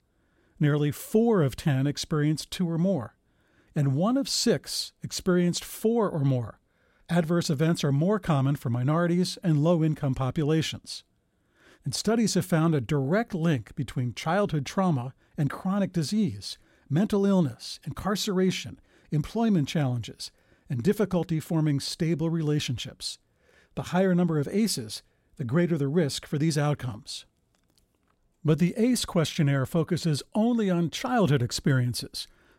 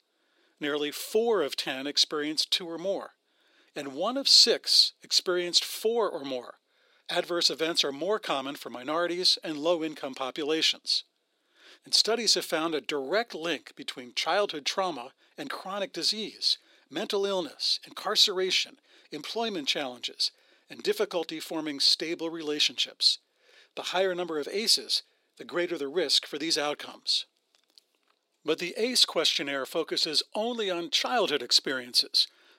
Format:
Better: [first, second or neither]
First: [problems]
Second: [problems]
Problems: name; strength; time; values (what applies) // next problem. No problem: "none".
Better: first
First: none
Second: thin; very; fading below 350 Hz